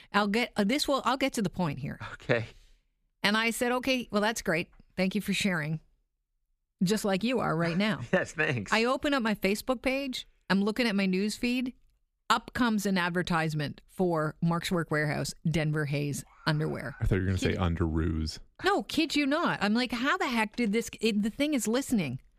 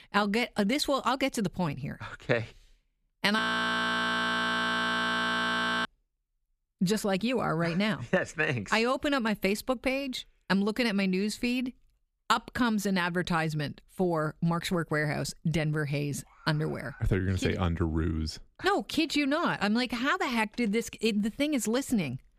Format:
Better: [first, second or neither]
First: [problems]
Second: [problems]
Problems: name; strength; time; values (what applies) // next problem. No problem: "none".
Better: first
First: none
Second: audio freezing; at 3.5 s for 2.5 s